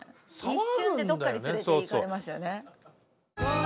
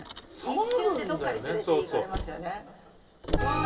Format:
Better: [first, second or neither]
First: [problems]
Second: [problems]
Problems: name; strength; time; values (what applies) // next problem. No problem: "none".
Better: first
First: none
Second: background sound (Car); 7 dB below the speech // room echo; dies away in 2.6 s